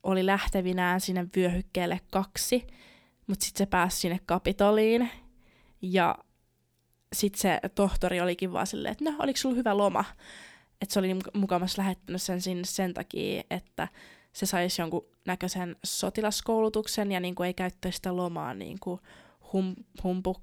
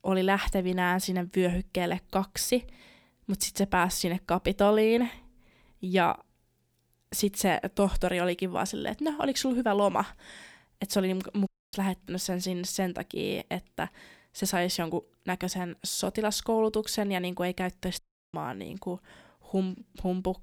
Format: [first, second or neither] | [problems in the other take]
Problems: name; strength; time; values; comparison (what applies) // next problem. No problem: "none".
first | audio cutting out; at 11 s and at 18 s